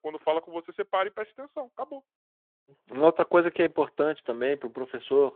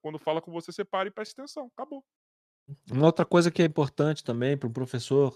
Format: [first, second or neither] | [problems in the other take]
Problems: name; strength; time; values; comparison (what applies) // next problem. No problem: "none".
second | phone-call audio